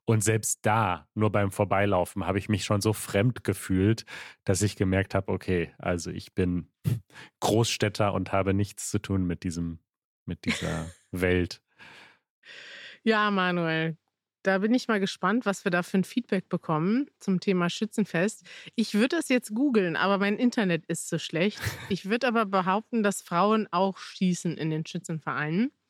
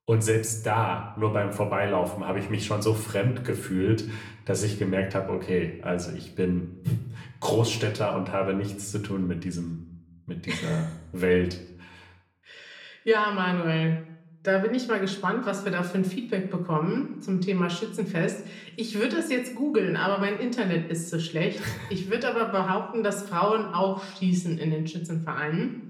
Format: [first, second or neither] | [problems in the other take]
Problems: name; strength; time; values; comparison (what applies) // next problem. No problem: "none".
first | room echo; slight; dies away in 0.6 s